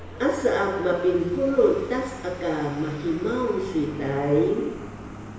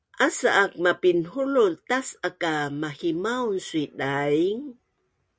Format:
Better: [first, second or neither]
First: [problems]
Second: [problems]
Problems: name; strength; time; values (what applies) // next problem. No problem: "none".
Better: second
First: background sound (Vehicle); 14 dB below the speech // room echo; dies away in 1 s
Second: none